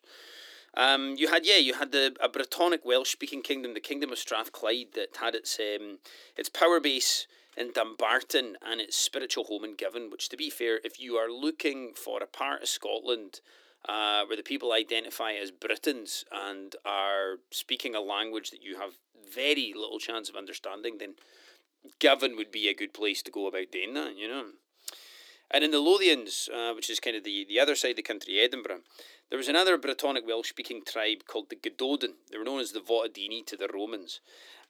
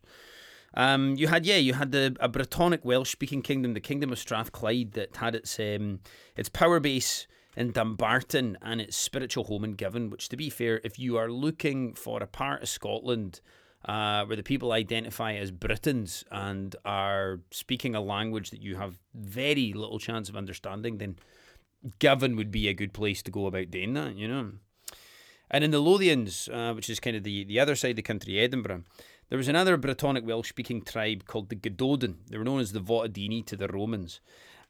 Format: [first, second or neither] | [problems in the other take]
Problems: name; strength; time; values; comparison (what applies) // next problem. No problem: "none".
second | thin; somewhat; fading below 300 Hz